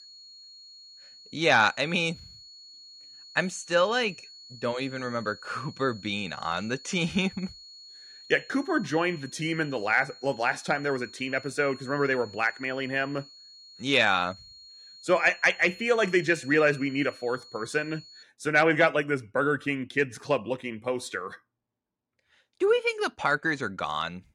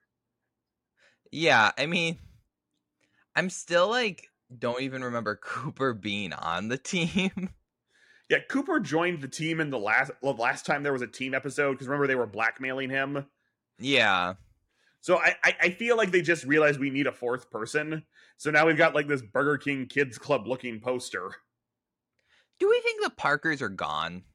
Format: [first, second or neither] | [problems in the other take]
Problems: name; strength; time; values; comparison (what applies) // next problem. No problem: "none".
second | high-pitched whine; noticeable; until 18 s; 4.5 kHz, 20 dB below the speech